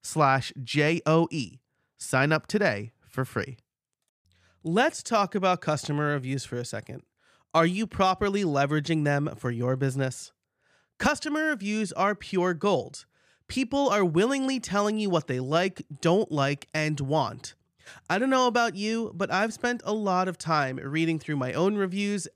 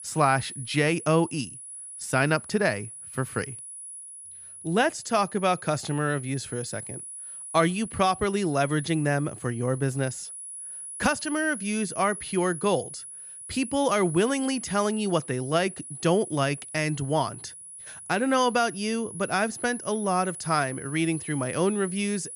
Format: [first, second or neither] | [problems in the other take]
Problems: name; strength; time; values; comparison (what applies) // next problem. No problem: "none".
first | high-pitched whine; noticeable; throughout; 10.5 kHz, 10 dB below the speech